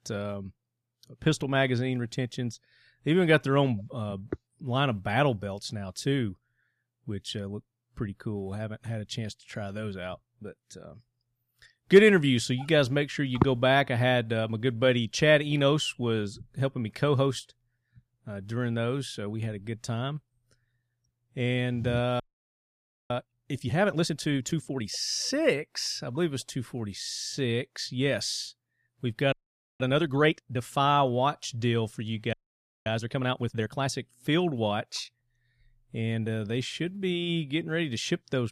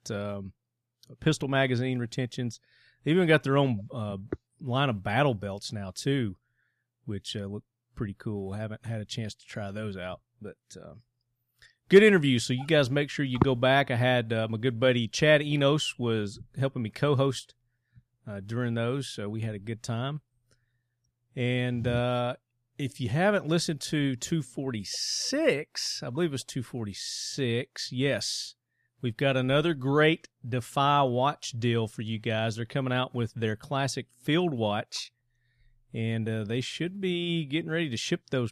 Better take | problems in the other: second | audio freezing; at 22 s for 1 s, at 29 s and at 32 s for 0.5 s

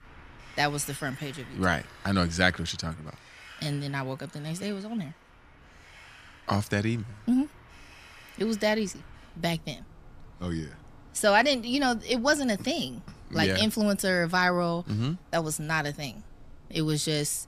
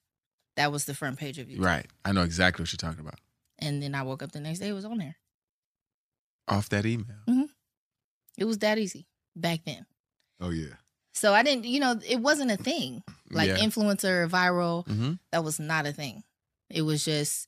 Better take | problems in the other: second | wind in the background; faint; throughout; 25 dB below the speech

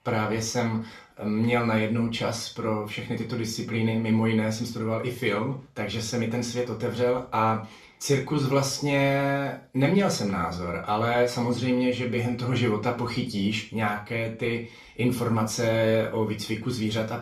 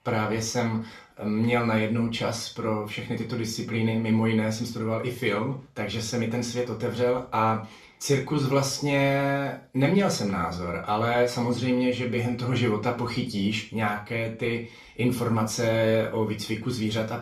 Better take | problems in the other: neither | room echo; slight; dies away in 0.3 s; the same in both // off-mic speech; far; the same in both

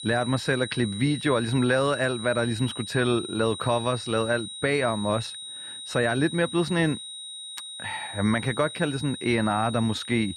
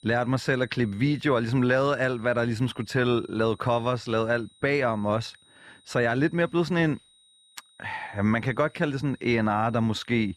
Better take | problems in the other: second | high-pitched whine; loud; throughout; 4 kHz, 10 dB below the speech; faint in the second

